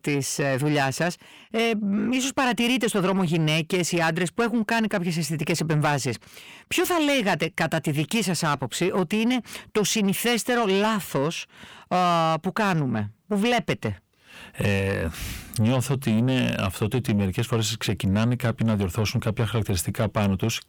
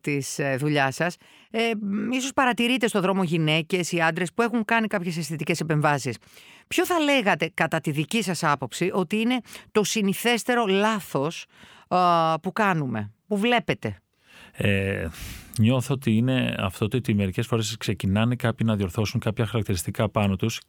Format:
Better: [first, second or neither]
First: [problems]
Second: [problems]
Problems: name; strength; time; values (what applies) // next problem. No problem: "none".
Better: second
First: distortion; slight; 10 dB below the speech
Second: none